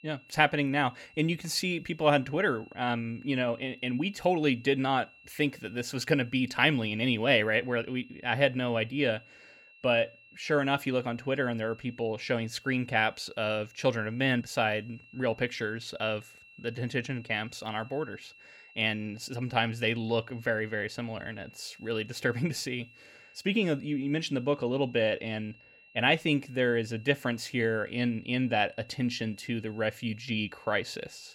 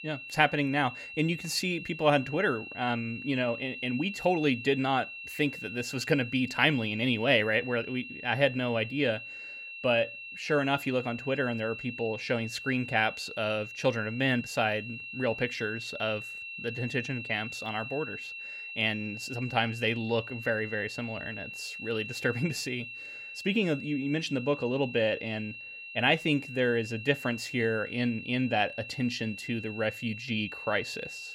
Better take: first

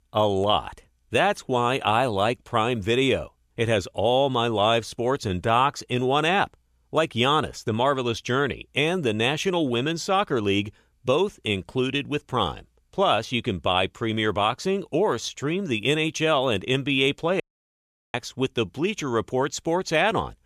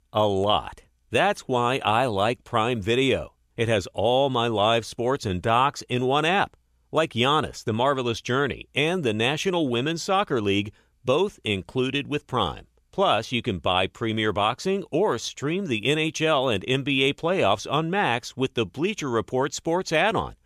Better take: second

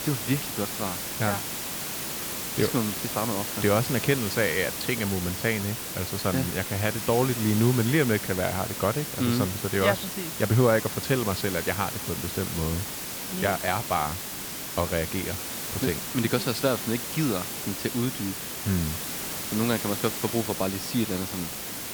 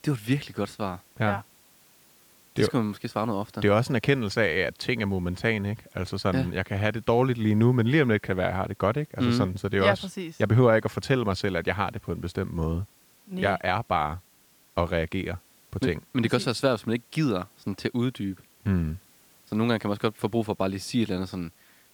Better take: second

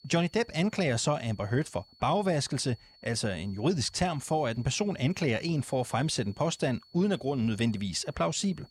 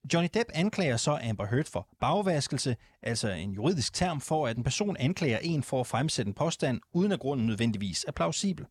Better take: second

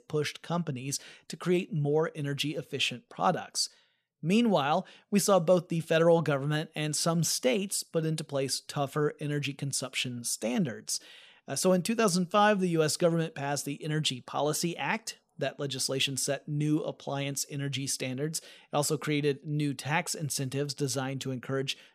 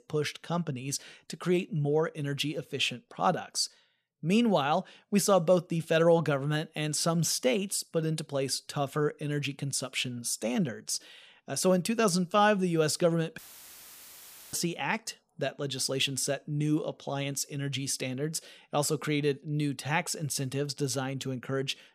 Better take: first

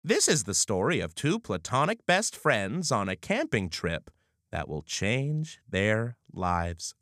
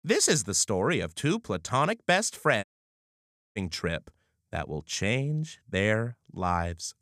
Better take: first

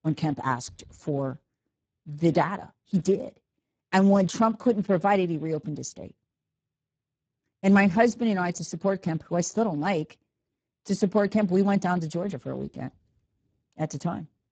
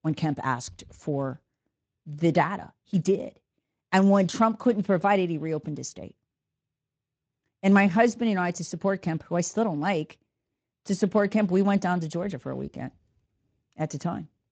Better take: second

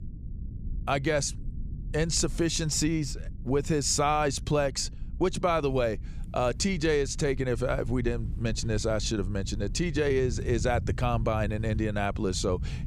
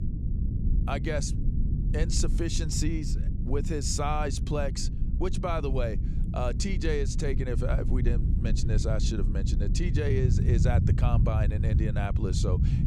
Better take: first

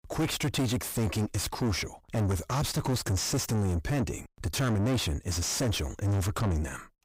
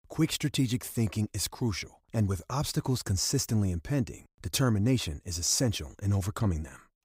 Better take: second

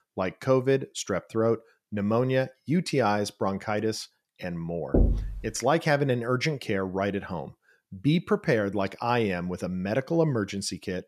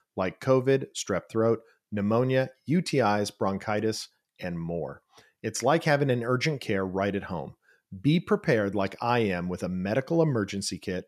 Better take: second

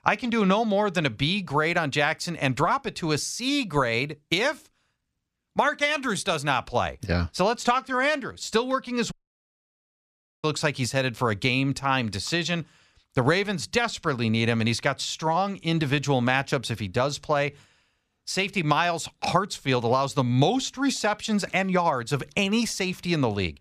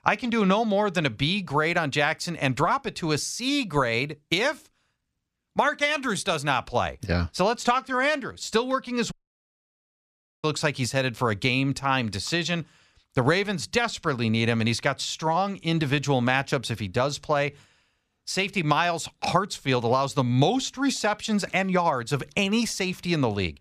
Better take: neither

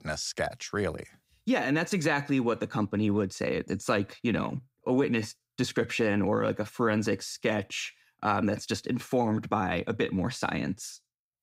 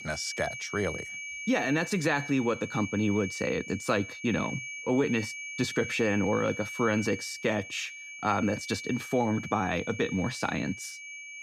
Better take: first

